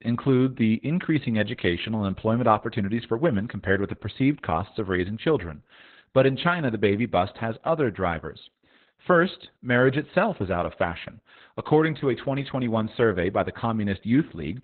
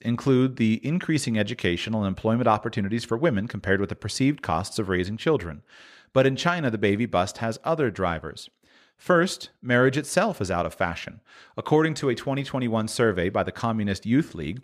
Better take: second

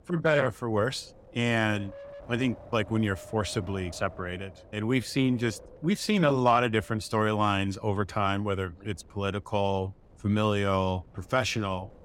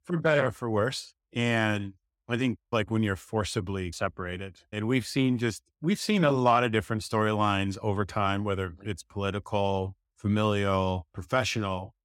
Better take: second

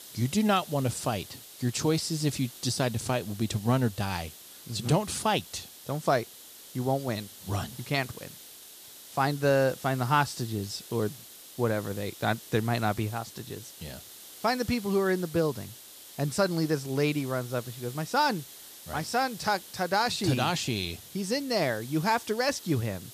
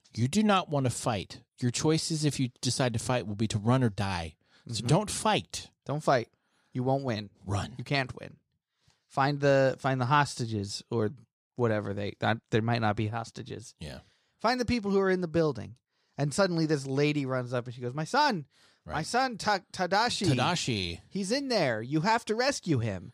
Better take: second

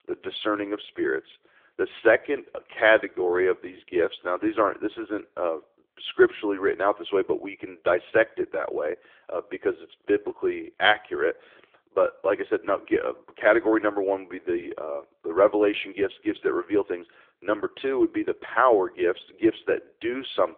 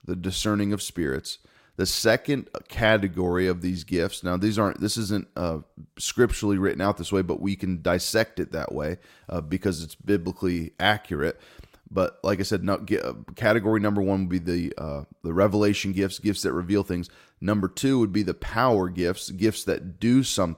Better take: second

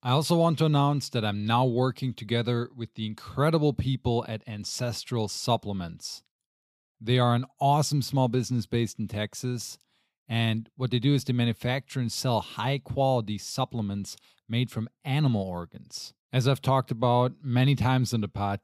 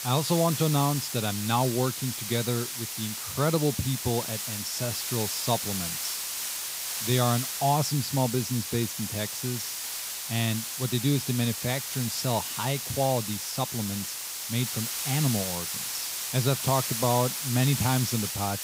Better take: first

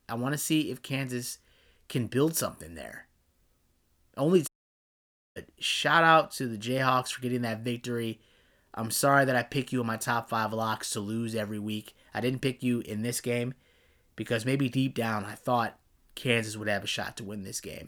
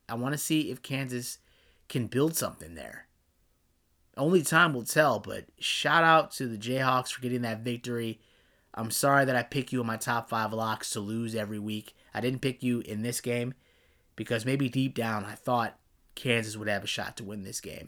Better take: second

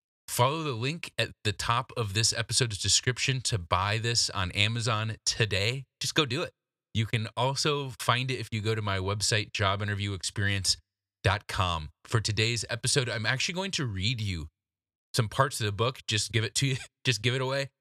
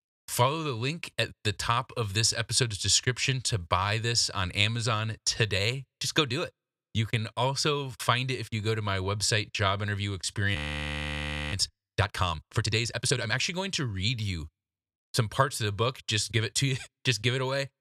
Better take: first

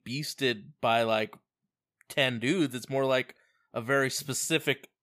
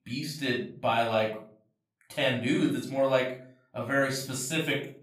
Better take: first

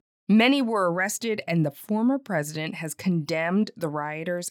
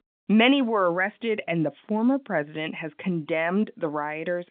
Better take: first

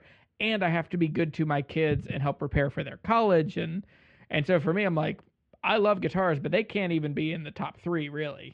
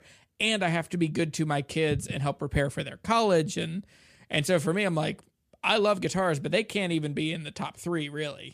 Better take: second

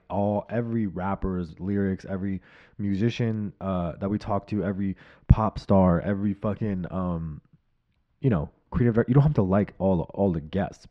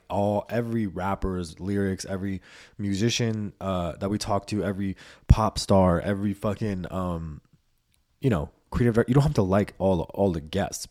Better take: second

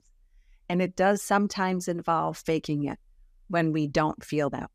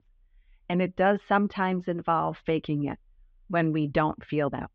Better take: first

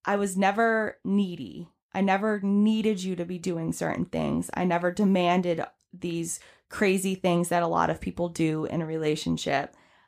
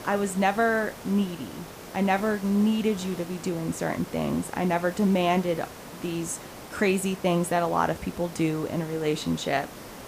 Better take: first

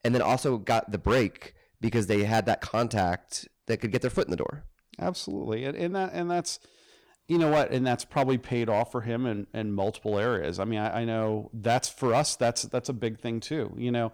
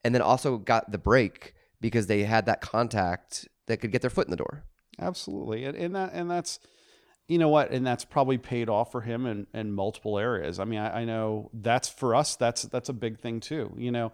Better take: second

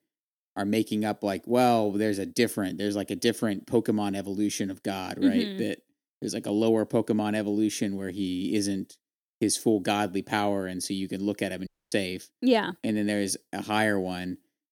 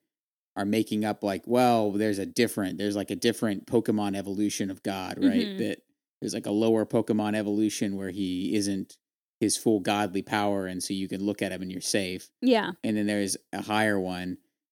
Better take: second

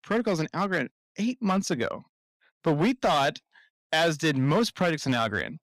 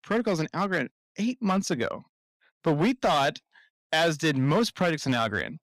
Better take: neither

